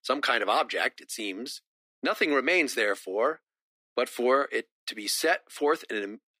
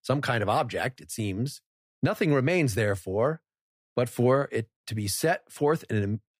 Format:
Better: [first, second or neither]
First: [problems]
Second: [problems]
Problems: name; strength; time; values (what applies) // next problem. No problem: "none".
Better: second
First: thin; somewhat; fading below 250 Hz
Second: none